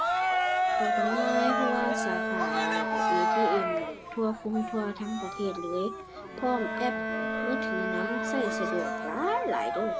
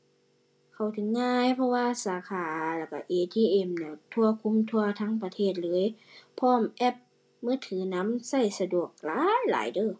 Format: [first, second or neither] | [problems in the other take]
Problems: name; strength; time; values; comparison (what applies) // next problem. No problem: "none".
second | background sound (Cheering + Bowed string instrument); 3 dB above the speech